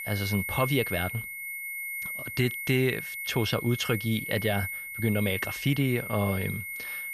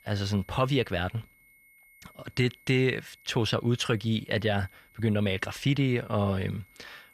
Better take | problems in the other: second | high-pitched whine; loud; throughout; 2 kHz, 5 dB below the speech; faint in the second

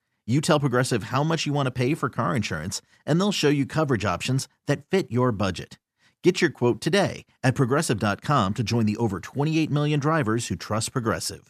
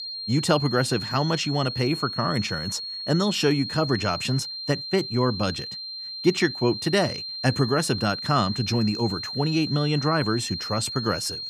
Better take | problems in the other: first | high-pitched whine; loud; throughout; 4 kHz, 6 dB below the speech

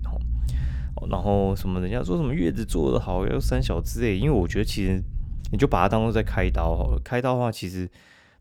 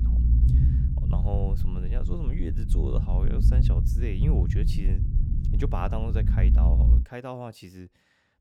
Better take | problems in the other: first | low rumble; loud; until 7 s; 2 dB below the speech; faint in the first

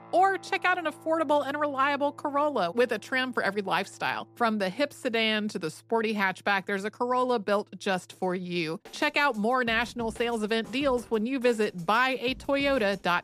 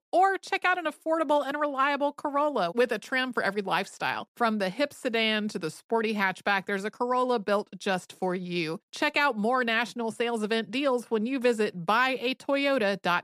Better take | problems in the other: second | background music; faint; throughout; 25 dB below the speech

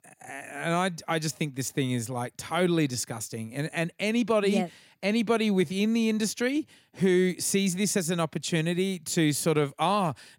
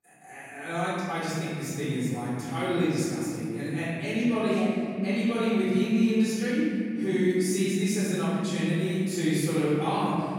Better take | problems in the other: first | off-mic speech; far // room echo; strong; dies away in 3 s

